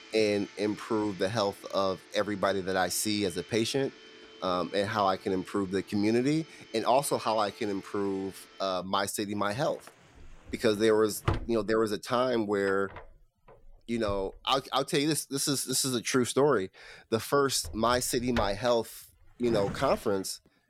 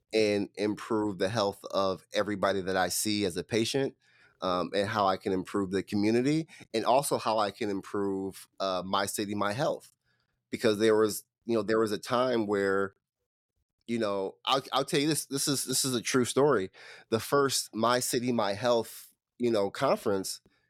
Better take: second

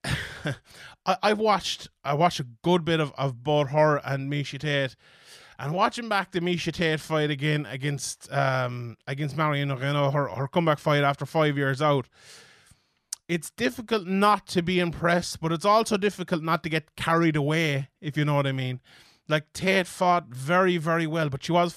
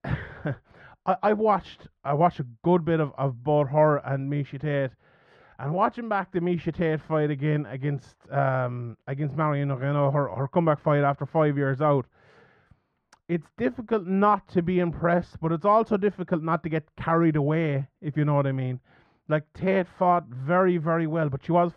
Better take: first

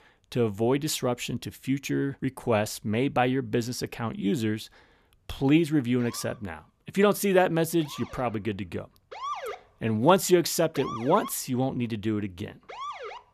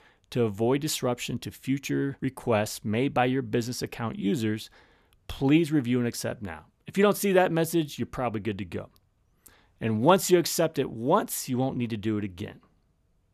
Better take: second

